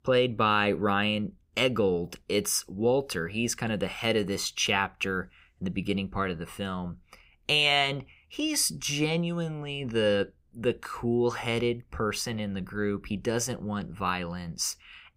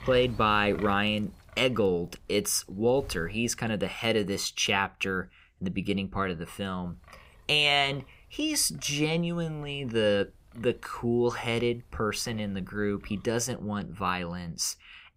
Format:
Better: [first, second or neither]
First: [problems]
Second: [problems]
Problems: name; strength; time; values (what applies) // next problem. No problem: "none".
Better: first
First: none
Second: wind noise on the microphone; occasional gusts; until 3.5 s and from 7 to 13 s; 25 dB below the speech